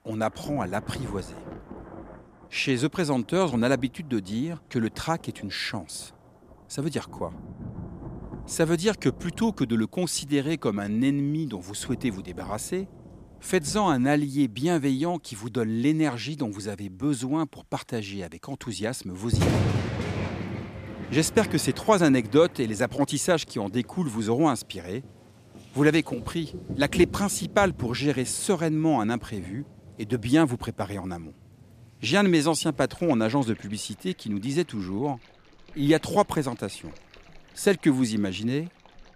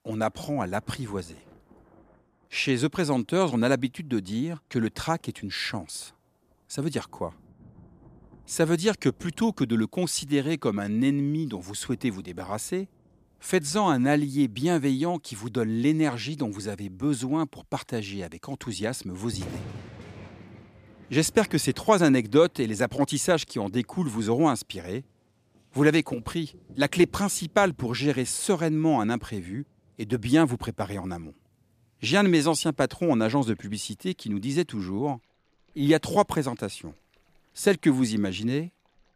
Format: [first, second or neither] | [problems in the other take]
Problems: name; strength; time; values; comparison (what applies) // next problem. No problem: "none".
second | rain or running water; loud; throughout; 10 dB below the speech; faint in the second